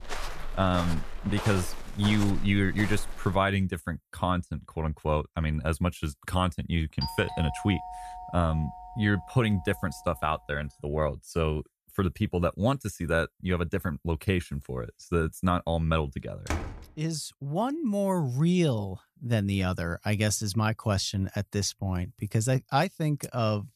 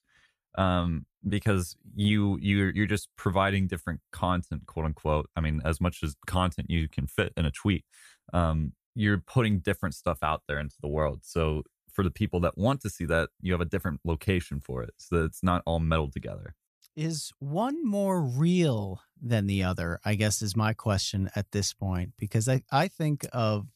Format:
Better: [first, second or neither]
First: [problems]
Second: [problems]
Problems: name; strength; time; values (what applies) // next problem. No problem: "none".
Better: second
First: footsteps; noticeable; until 3.5 s; peak 7 dB below the speech // doorbell; noticeable; from 7 to 10 s; peak 7 dB below the speech // door banging; noticeable; at 16 s; peak 5 dB below the speech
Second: none